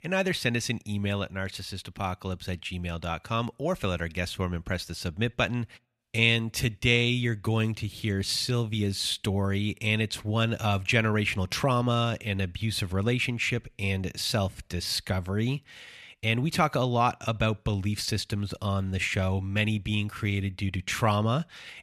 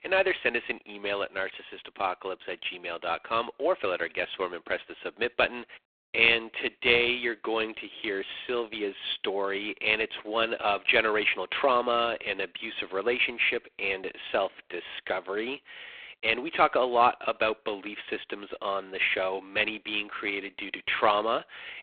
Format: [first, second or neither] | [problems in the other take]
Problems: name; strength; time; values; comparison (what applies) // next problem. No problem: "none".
first | phone-call audio; poor line